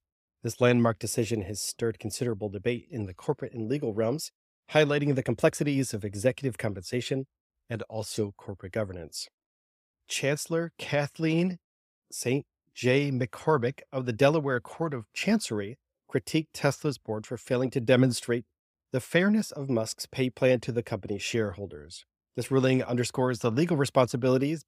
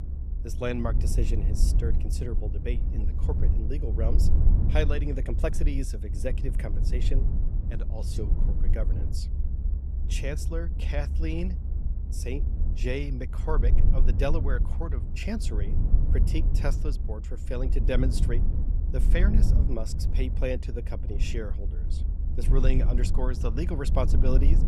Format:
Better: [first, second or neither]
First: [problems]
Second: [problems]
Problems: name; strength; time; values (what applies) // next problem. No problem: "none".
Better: first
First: none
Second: low rumble; loud; throughout; 8 dB below the speech